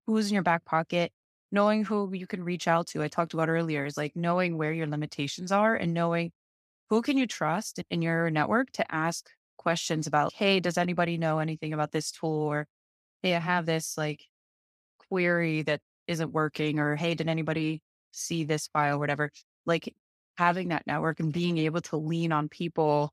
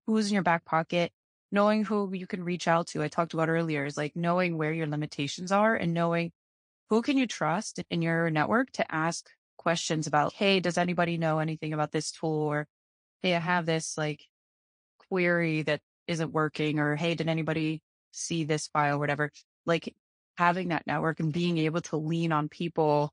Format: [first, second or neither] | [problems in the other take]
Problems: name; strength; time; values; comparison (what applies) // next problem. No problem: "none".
first | garbled, watery; slightly; nothing above 8.5 kHz